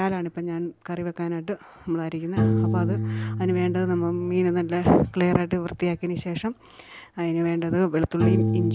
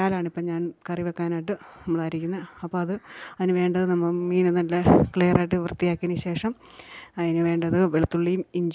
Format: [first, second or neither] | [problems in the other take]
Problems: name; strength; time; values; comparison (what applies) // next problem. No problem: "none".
second | background sound (Piano); 4 dB below the speech